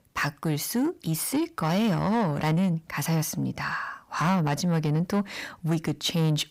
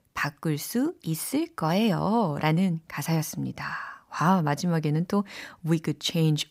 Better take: second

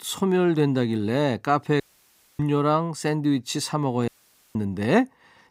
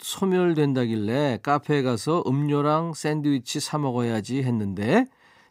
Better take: second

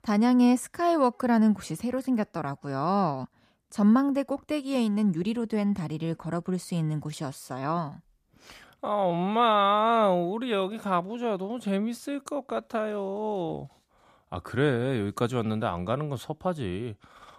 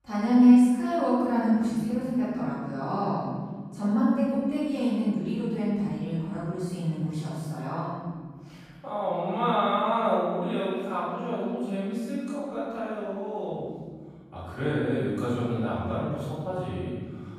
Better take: first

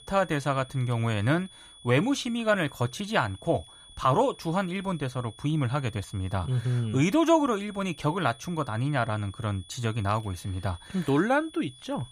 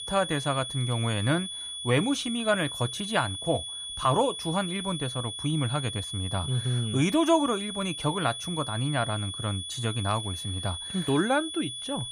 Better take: first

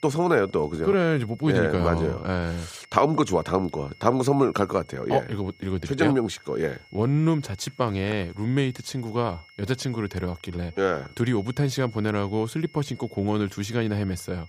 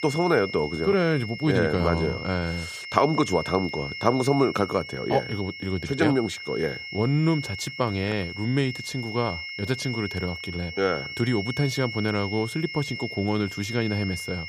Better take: first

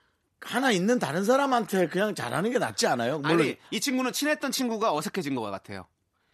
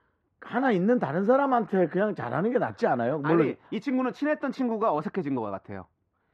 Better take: first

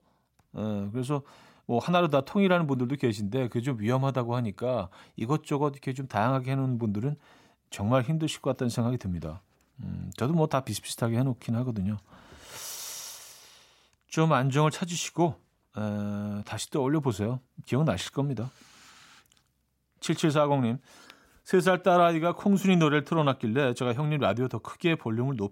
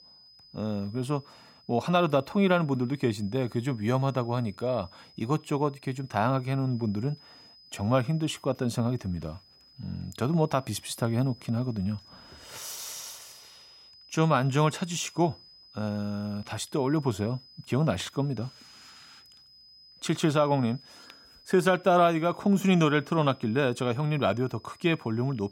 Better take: first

